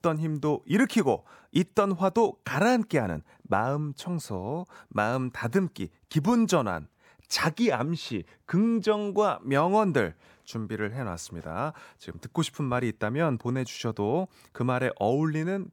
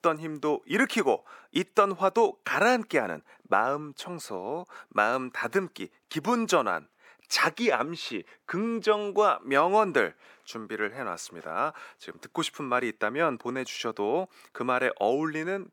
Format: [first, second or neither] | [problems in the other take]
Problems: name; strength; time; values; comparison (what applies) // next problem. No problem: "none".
first | thin; somewhat; fading below 350 Hz